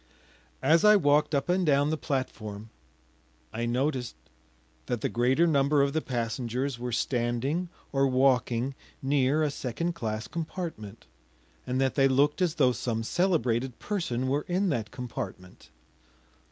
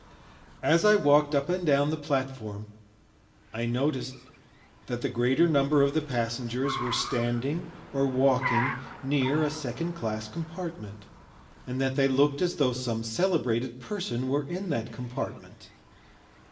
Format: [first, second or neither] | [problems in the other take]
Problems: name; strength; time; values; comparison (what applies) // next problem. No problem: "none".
first | background sound (Car); 14 dB below the speech // room echo; dies away in 0.7 s